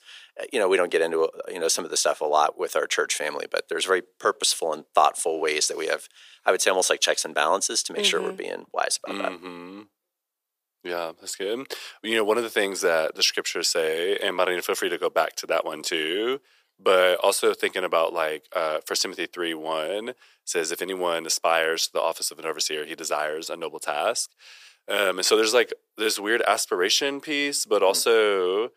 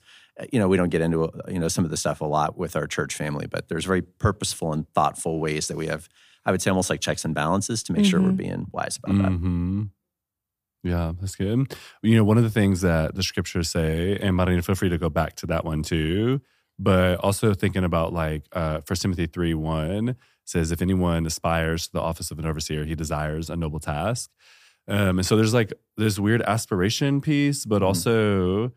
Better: second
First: thin; very; fading below 400 Hz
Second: none

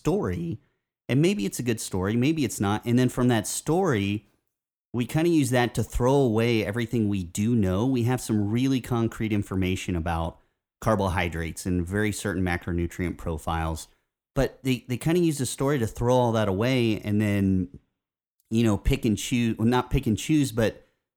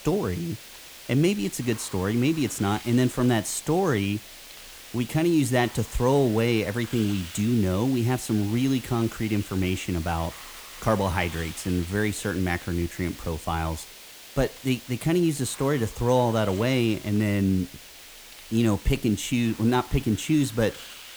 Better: first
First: none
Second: hiss; noticeable; throughout; 15 dB below the speech

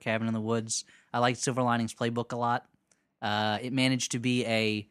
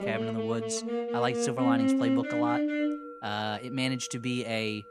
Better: first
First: none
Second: background music; very loud; throughout; 3 dB above the speech

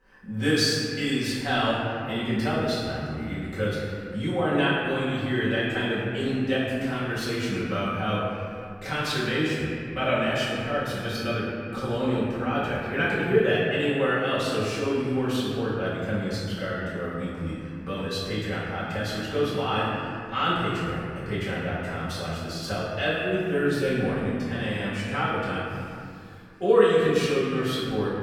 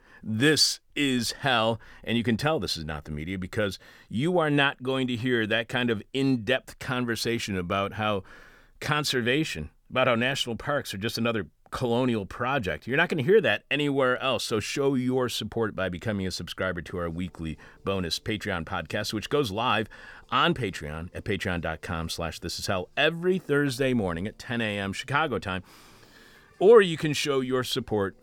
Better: second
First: off-mic speech; far // room echo; strong; dies away in 2.2 s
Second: none

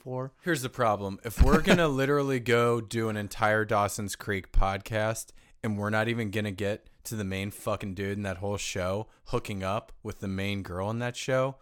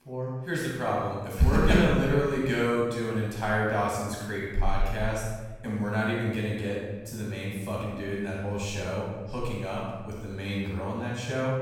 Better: first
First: none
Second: off-mic speech; far // room echo; strong; dies away in 1.1 s

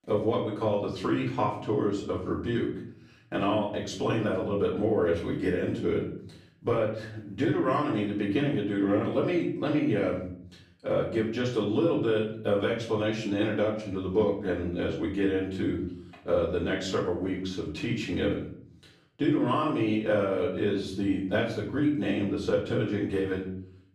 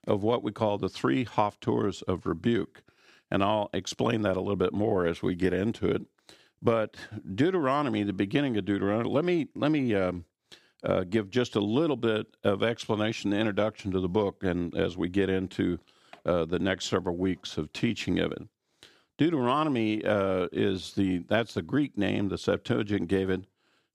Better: second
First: off-mic speech; far // room echo; noticeable; dies away in 0.6 s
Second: none

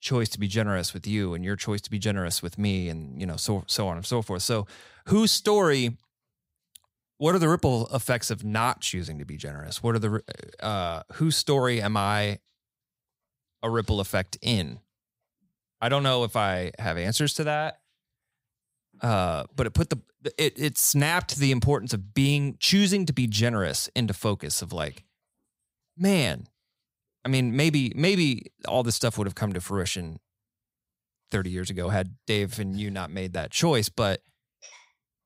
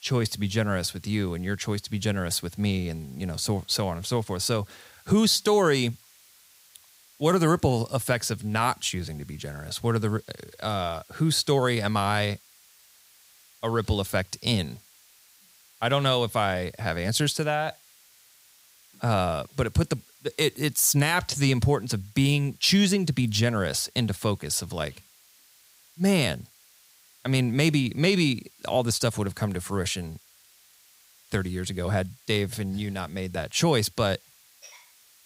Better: first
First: none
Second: hiss; faint; throughout; 30 dB below the speech

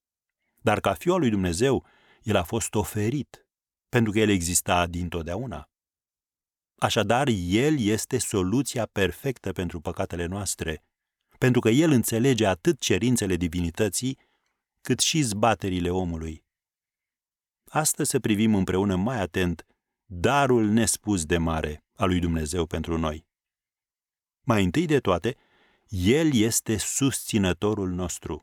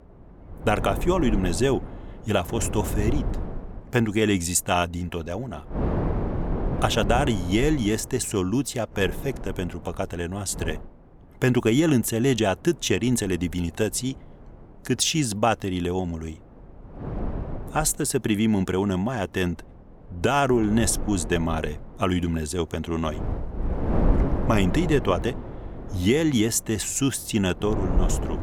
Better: first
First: none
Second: wind noise on the microphone; occasional gusts; 10 dB below the speech

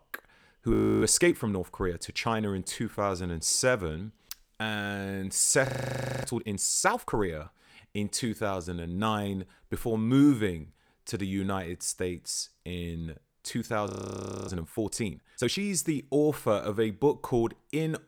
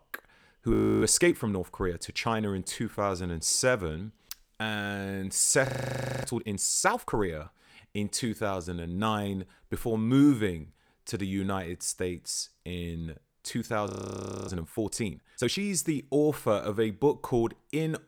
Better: neither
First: audio freezing; at 0.5 s, at 5.5 s for 0.5 s and at 14 s for 0.5 s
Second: audio freezing; at 0.5 s, at 5.5 s for 0.5 s and at 14 s for 0.5 s

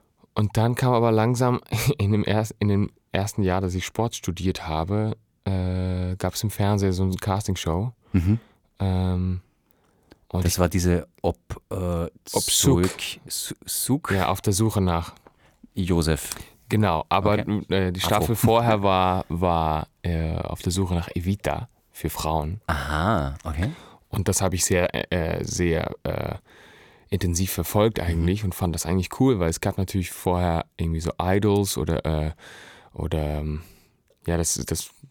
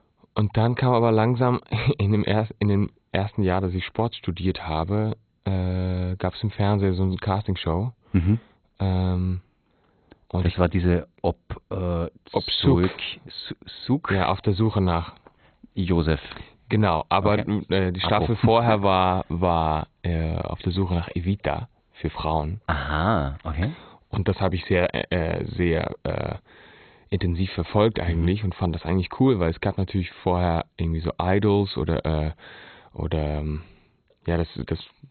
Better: first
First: none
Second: garbled, watery; badly; nothing above 4 kHz

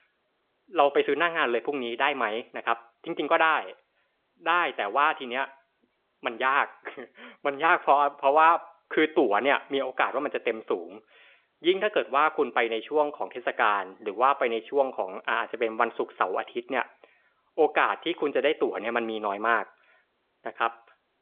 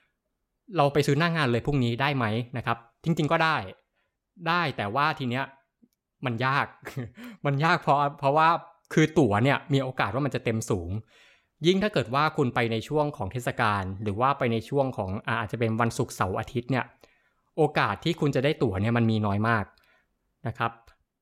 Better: second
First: phone-call audio; nothing above 3.5 kHz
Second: none

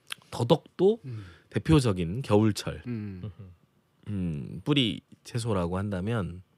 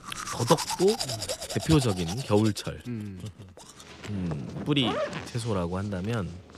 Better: first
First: none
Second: household noises; loud; throughout; 5 dB below the speech

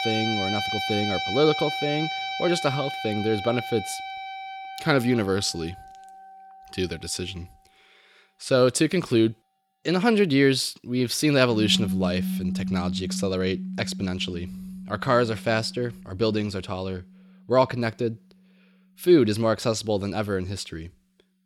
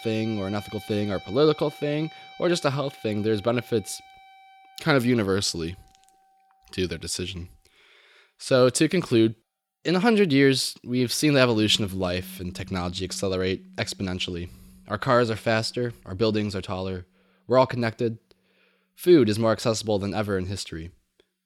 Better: second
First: background music; loud; throughout; 6 dB below the speech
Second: background music; faint; throughout; 20 dB below the speech

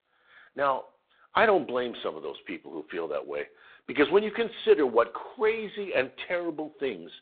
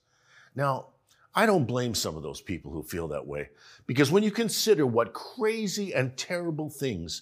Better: second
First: phone-call audio; poor line; nothing above 3.5 kHz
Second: none

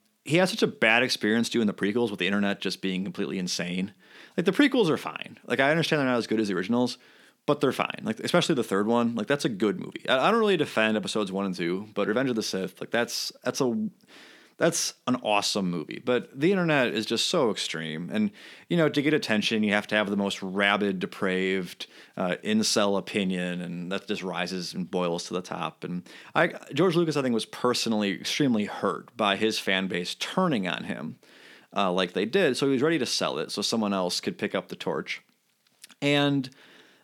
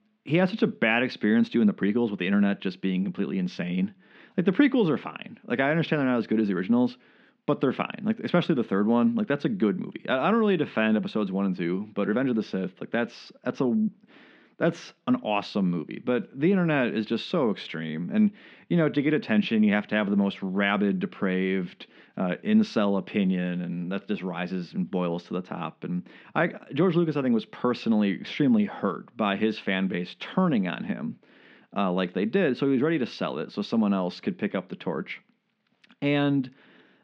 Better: first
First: none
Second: muffled; slightly; fading above 3 kHz

